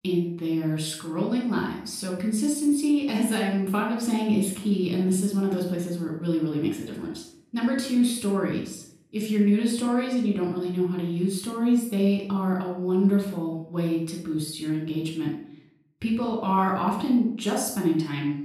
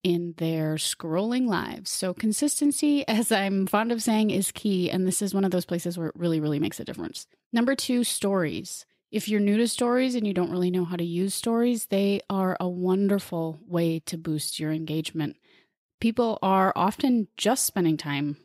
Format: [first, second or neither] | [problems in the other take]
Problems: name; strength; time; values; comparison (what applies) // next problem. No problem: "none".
second | off-mic speech; far // room echo; noticeable; dies away in 0.5 s